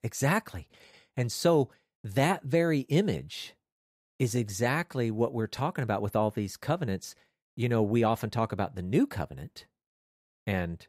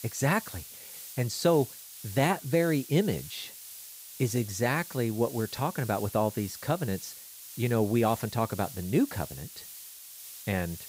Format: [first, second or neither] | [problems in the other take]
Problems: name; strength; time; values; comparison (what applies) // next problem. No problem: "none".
first | hiss; noticeable; throughout; 15 dB below the speech